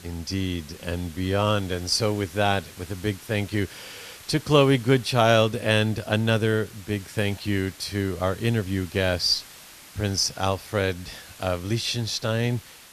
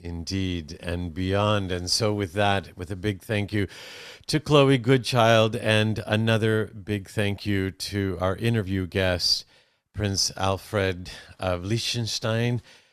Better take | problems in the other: second | hiss; noticeable; throughout; 20 dB below the speech

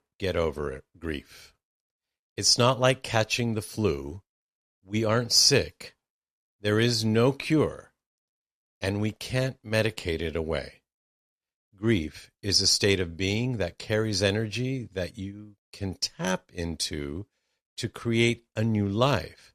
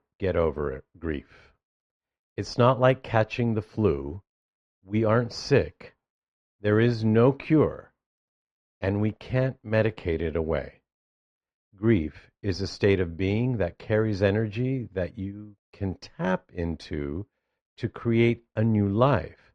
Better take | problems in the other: first | muffled; very; fading above 1.5 kHz

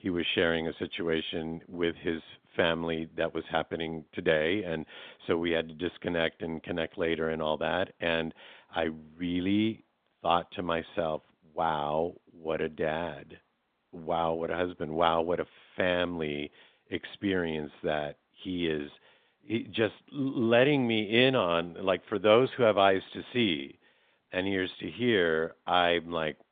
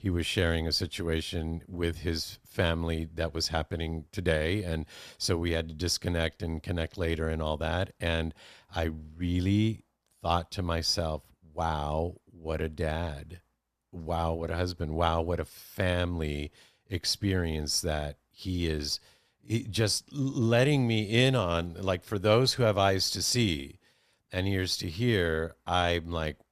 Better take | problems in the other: second | phone-call audio; nothing above 3.5 kHz

